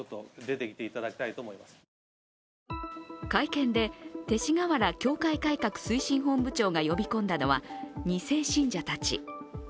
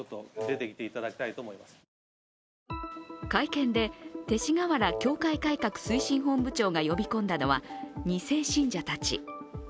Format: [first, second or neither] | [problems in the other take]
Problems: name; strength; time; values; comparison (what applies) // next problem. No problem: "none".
first | background sound (Wind instrument, woodwind instrument); 8 dB below the speech